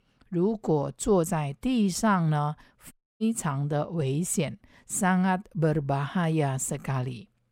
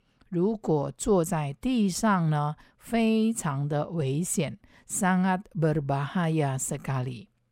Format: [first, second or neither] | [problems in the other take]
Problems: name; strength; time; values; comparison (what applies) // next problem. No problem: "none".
second | audio cutting out; at 3 s